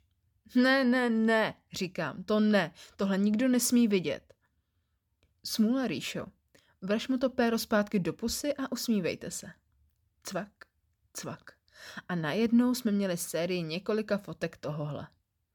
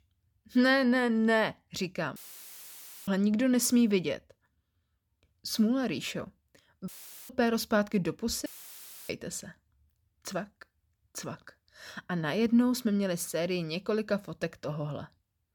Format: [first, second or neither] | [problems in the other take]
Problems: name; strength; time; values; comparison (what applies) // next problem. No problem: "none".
first | audio cutting out; filled with static; at 2 s for 1 s, at 7 s and at 8.5 s for 0.5 s